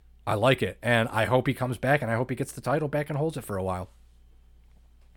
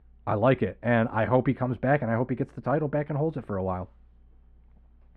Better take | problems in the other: first | muffled; very; fading above 1.5 kHz

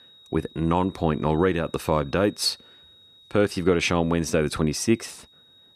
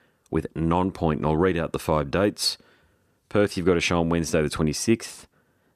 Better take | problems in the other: second | high-pitched whine; faint; throughout; 4 kHz, 25 dB below the speech

